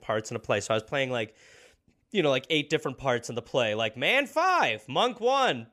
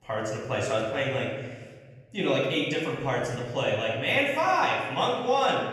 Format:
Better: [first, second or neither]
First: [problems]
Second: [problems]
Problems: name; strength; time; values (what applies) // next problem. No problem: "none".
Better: first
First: none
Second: off-mic speech; far // room echo; noticeable; dies away in 1.4 s